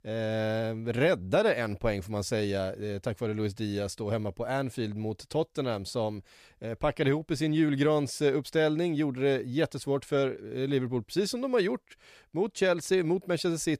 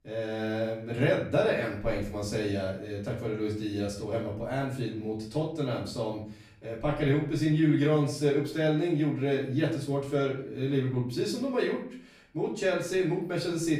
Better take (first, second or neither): first